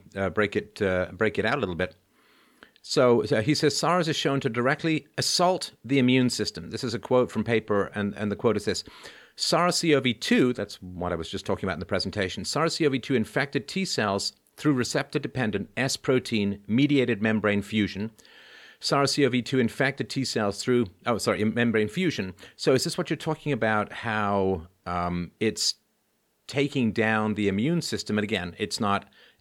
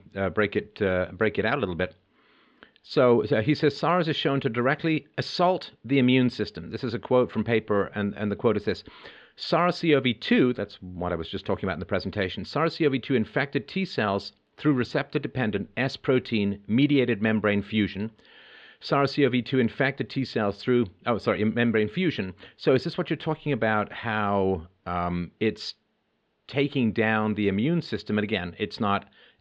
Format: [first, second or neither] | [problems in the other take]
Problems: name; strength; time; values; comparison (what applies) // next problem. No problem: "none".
first | muffled; slightly; fading above 3.5 kHz